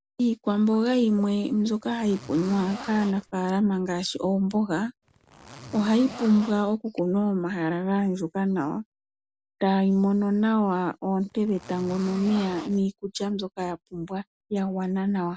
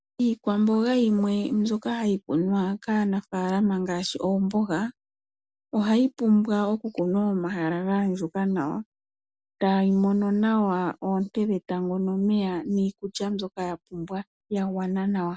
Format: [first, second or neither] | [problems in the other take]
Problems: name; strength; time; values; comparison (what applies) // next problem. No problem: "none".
second | background sound (Zipper (clothing)); 16 dB below the speech